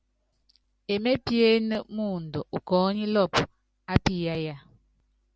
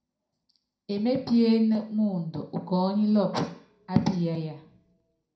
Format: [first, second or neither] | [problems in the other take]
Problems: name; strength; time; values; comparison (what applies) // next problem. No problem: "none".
first | room echo; dies away in 0.4 s